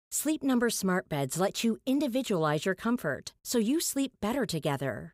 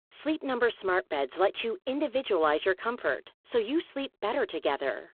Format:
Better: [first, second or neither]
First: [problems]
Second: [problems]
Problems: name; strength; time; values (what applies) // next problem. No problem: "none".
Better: first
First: none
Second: phone-call audio; poor line